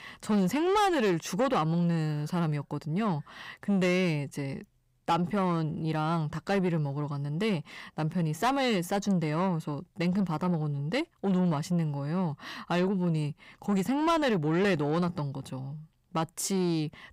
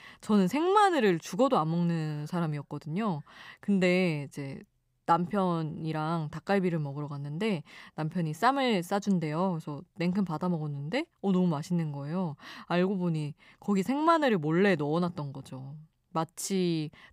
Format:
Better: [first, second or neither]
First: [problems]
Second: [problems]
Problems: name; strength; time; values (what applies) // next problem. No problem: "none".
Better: second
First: distortion; slight; 10 dB below the speech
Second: none